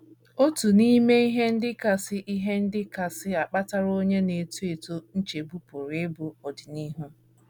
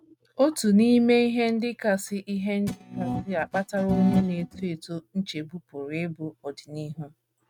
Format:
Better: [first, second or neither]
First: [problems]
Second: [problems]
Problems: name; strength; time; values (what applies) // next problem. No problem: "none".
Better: first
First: none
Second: noise reduction (neural mask model RNNoise)